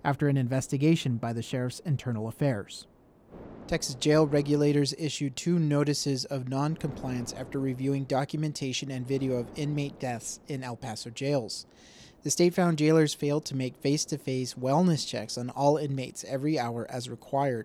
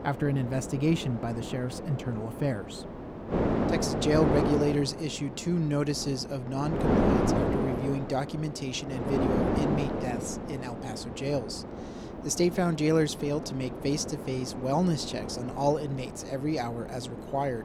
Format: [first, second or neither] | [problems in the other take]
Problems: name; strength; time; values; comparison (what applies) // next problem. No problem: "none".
first | wind noise on the microphone; heavy; 2 dB below the speech; occasional gusts in the first